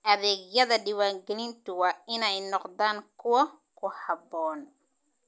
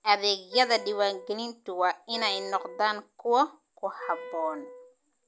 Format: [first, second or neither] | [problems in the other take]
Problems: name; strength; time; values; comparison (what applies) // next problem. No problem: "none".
first | background sound (Wind instrument, woodwind instrument); 15 dB below the speech